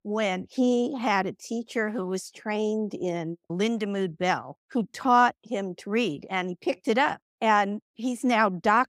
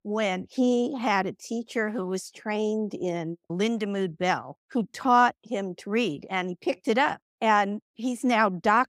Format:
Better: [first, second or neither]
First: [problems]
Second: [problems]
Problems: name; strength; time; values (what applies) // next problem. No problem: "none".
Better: neither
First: none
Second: none